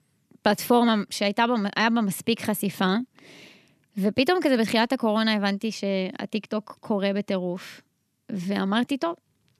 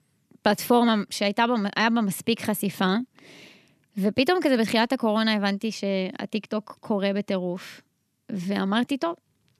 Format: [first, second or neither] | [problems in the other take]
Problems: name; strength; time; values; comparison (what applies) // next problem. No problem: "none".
neither | none